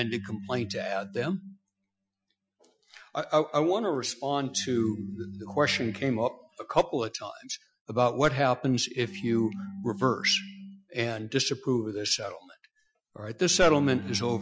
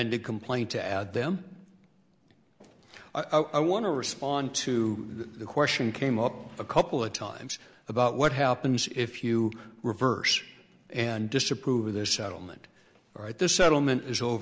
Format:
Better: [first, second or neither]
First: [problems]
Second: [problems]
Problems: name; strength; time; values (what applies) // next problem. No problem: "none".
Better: second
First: noise reduction (classical method Wiener filter)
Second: none